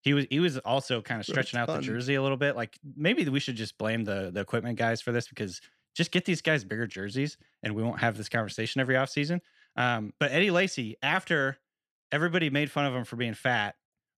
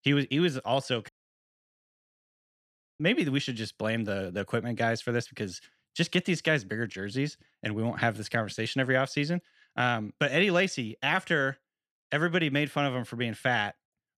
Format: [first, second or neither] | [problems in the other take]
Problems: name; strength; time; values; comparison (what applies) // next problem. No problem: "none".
first | audio cutting out; at 1 s for 2 s